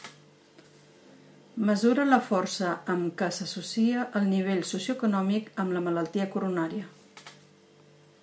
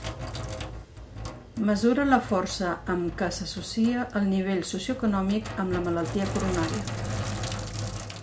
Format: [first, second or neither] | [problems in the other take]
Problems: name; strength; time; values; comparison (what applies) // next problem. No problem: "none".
first | background sound (Sink (filling or washing)); 7 dB below the speech